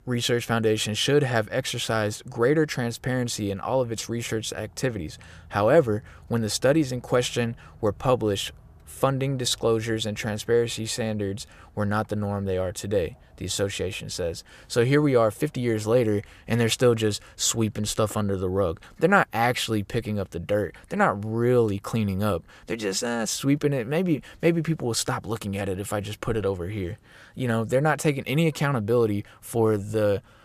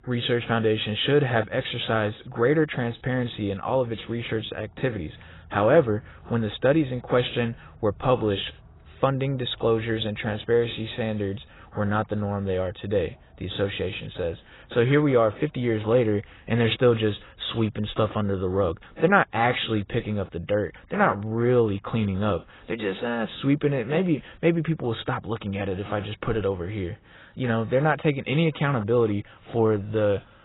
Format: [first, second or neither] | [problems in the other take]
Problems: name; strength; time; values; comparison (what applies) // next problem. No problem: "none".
first | garbled, watery; badly; nothing above 4 kHz